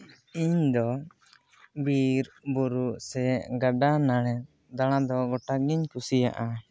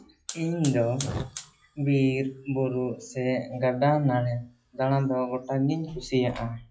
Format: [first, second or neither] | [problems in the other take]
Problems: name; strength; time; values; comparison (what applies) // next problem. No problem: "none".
first | noise reduction (classical method WPE with log-MMSE)